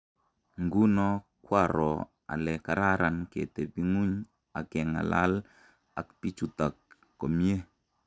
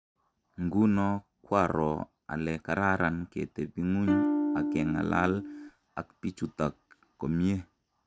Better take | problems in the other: first | background sound (Electric guitar / Strum); as loud as the speech

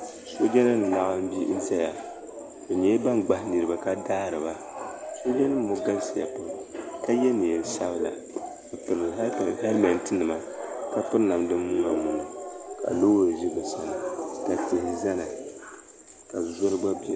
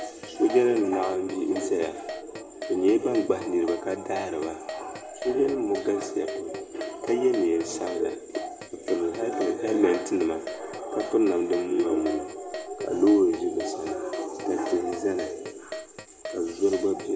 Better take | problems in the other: first | background sound (Keyboard (musical)); 14 dB below the speech // room echo; dies away in 0.5 s

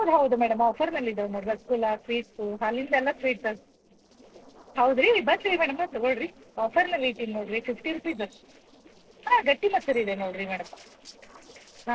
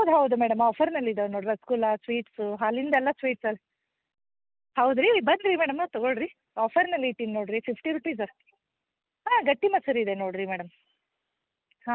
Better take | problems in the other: second | noise reduction (neural separator model SepFormer DNS4)

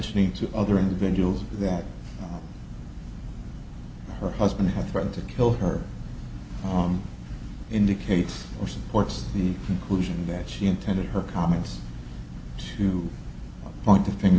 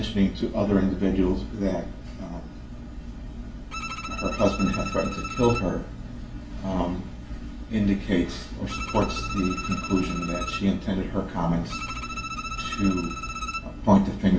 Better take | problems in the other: first | background sound (Bowed string instrument); 9 dB below the speech // room echo; dies away in 0.2 s

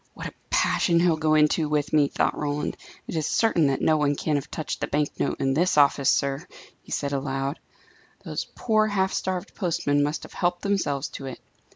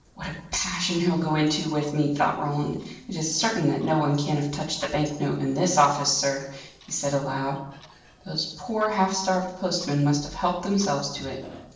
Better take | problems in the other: first | noise reduction (neural separator model SepFormer DNS4)

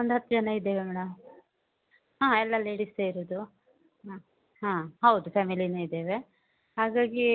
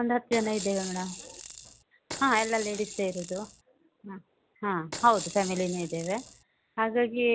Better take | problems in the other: first | background sound (Rattle / Rattle (instrument)); 11 dB below the speech

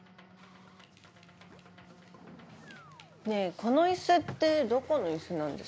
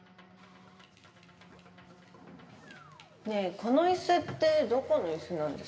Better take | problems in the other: first | room echo; dies away in 0.9 s

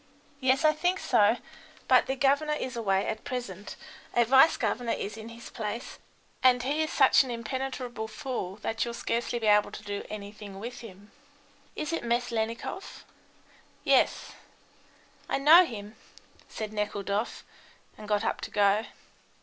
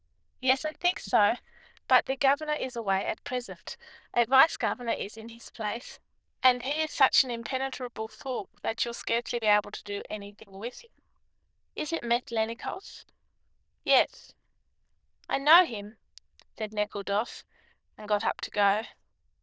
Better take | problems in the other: first | noise reduction (neural diffusion model UNIVERSE++)

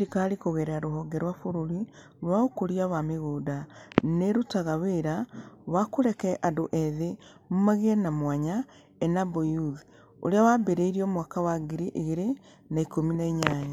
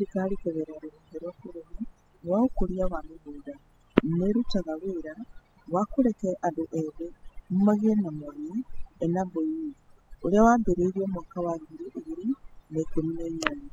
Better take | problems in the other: first | noise reduction (classical method spectral subtraction)

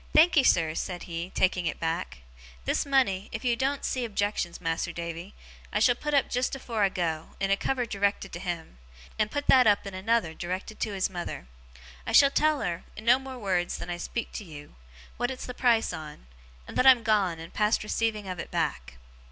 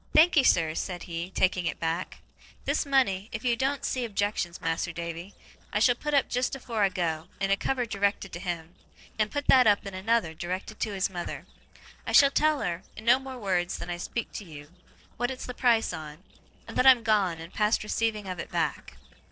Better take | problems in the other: first | noise reduction (neural separator model SepFormer DNS4)

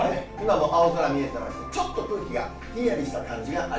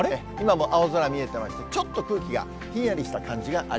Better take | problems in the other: second | room echo; dies away in 0.4 s

